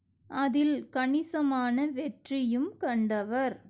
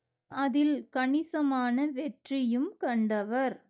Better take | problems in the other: first | noise reduction (neural mask model DeepFilterNet 3)

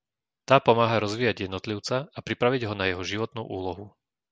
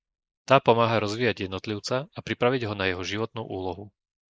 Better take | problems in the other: first | noise reduction (neural mask model Resemble Enhance denoiser)

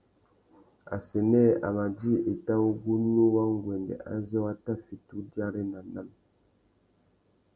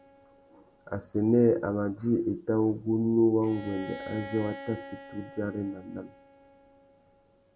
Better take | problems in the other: first | background sound (Bowed string instrument); 18 dB below the speech

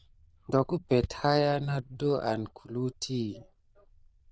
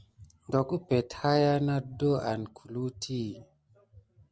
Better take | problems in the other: second | noise reduction (neural diffusion model UNIVERSE++)

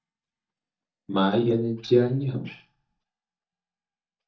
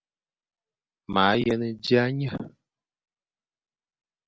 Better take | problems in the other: second | noise reduction (neural mask model DeepFilterNet 3)

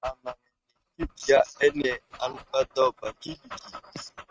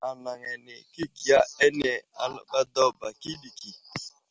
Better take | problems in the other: second | noise reduction (neural mask model RNNoise)

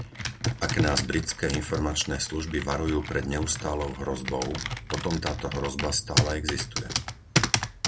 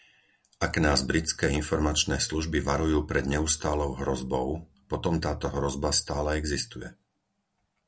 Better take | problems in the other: second | background sound (Computer keyboard); 1 dB below the speech

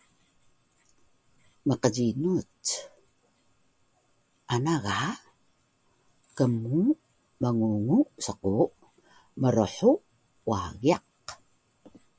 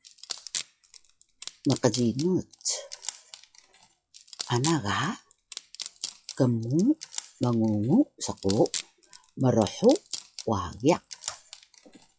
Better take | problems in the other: first | noise reduction (classical method log-MMSE)

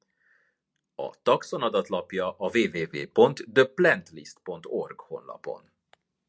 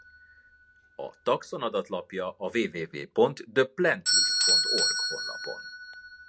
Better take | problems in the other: first | background sound (Bell / Doorbell); as loud as the speech

